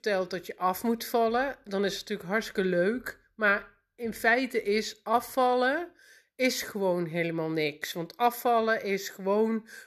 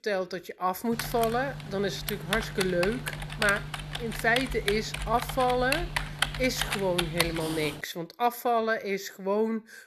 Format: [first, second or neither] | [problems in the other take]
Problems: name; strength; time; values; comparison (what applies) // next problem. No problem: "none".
first | keyboard typing; loud; from 1 to 7.5 s; peak 1 dB above the speech